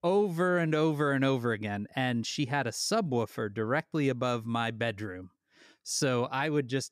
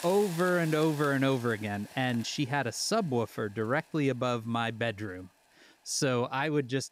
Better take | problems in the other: first | hiss; noticeable; throughout; 15 dB below the speech

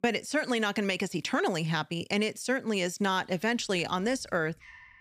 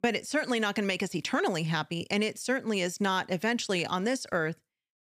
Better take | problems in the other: second | animal sounds; faint; from 3.5 s on; 30 dB below the speech

